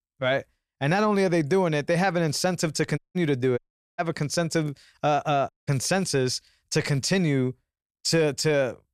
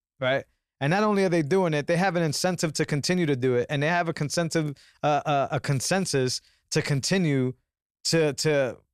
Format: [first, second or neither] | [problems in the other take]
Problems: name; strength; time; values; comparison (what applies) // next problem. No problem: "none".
second | audio cutting out; at 3 s, at 3.5 s and at 5.5 s